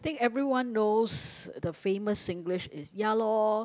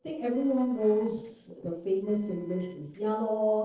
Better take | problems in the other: first | noise reduction (neural separator model SepFormer DNS4)

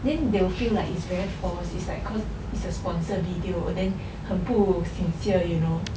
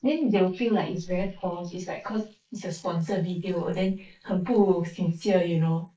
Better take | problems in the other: first | noise reduction (neural mask model Resemble Enhance denoiser)

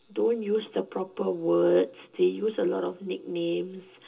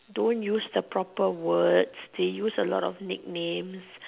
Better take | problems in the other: second | room echo; dies away in 0.2 s

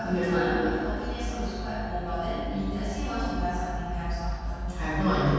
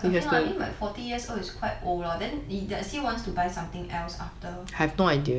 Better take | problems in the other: second | room echo; dies away in 2.1 s

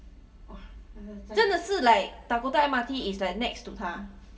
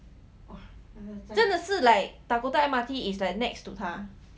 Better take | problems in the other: second | room echo; dies away in 0.4 s

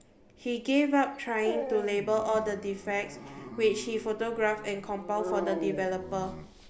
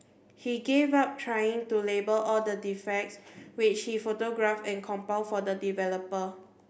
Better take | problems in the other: second | background sound (Dog); 10 dB below the speech

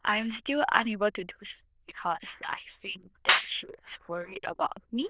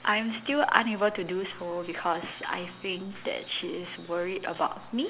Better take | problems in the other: second | noise reduction (neural diffusion model UNIVERSE++)

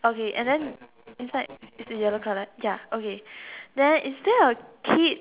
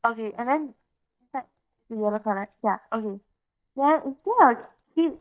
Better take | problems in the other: first | noise reduction (neural mask model DeepFilterNet 3)

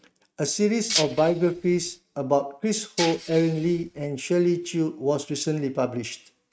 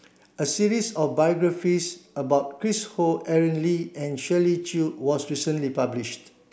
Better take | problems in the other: second | noise reduction (neural mask model RNNoise)

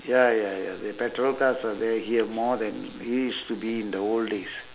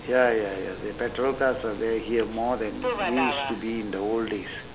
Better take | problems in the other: first | background sound (Subway, metro, underground); 7 dB below the speech

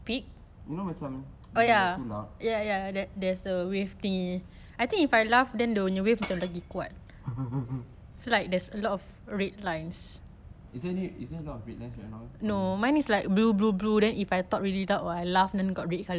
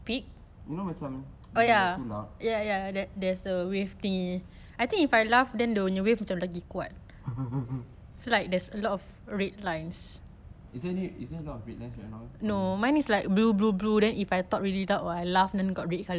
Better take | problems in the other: second | background sound (Shatter / Crushing); 20 dB below the speech

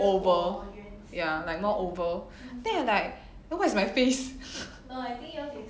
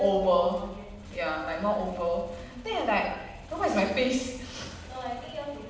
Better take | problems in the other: first | background sound (Motorcycle); 20 dB below the speech // room echo; dies away in 1 s

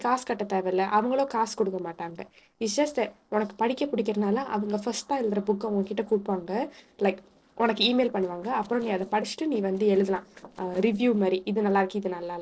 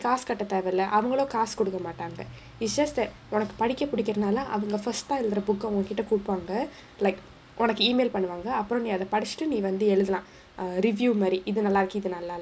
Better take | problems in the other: second | noise reduction (neural separator model SepFormer DNS4)

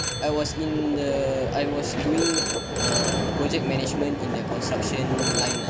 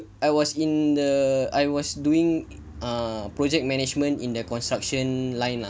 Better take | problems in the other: second | background sound (Vehicle + Telephone); 2 dB above the speech

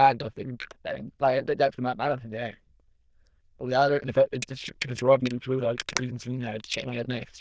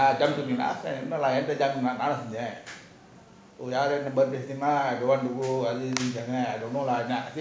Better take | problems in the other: second | noise reduction (neural diffusion model UNIVERSE++)

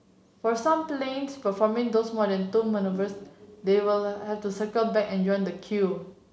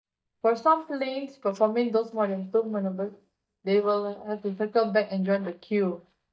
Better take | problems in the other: first | noise reduction (neural mask model DeepFilterNet 3)

